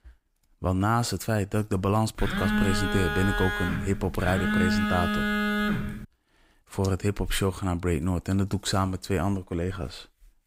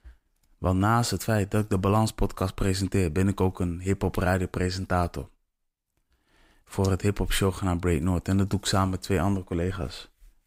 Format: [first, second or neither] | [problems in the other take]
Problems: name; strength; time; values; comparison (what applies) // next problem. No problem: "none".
second | phone ringing; loud; from 2 to 6 s; peak 3 dB above the speech